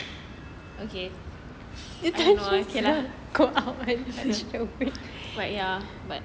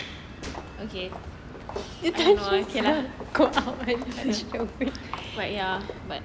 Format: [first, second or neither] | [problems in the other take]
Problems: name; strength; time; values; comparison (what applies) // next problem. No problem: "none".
first | background sound (Gunshot, gunfire + Walk, footsteps); 13 dB below the speech